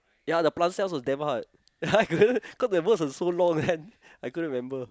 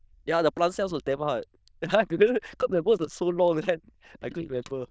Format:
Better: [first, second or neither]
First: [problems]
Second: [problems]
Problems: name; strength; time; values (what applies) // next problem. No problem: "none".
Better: first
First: none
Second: noise reduction (neural diffusion model UNIVERSE++)